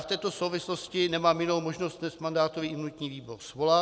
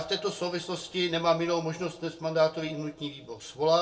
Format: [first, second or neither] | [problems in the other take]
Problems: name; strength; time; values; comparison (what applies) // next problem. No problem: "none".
first | room echo; dies away in 0.2 s